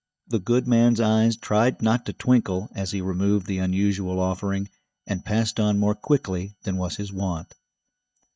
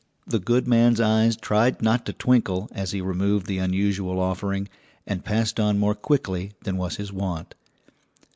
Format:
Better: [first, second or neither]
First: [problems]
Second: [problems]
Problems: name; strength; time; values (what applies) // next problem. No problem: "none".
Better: second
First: noise reduction (neural mask model DeepFilterNet 3)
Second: none